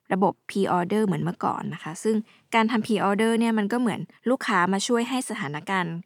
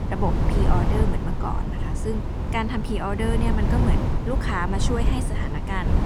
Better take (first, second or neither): first